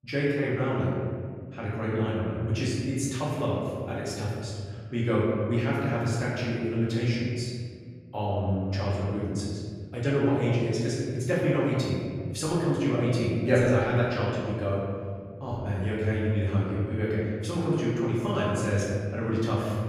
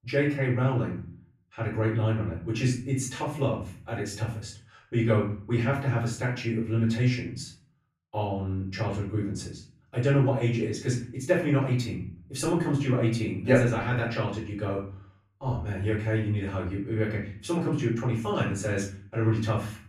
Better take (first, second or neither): second